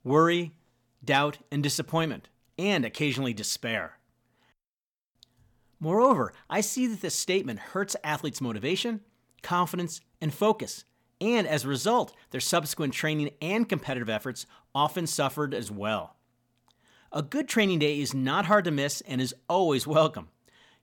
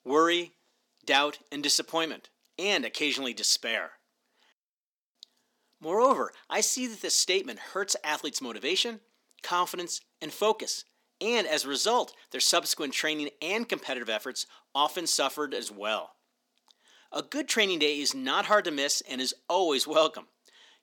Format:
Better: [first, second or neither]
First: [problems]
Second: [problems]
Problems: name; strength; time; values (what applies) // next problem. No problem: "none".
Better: first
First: none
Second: thin; somewhat; fading below 300 Hz